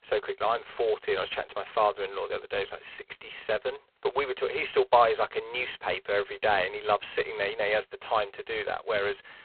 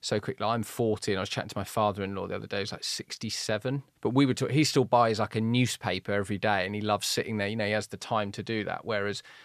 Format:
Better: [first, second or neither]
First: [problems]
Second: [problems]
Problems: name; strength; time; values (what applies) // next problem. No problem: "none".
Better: second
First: phone-call audio; poor line; nothing above 4 kHz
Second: none